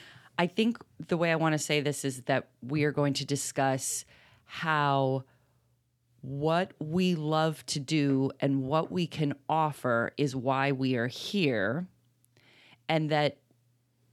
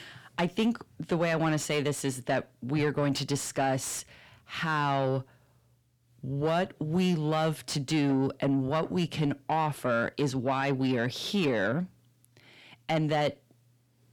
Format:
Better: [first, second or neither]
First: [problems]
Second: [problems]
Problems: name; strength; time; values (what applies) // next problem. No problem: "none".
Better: first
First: none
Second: distortion; slight; 10 dB below the speech